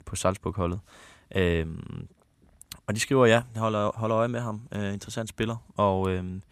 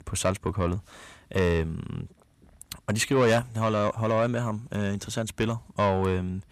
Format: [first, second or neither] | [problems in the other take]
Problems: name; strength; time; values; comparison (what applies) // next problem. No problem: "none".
first | distortion; slight; 10 dB below the speech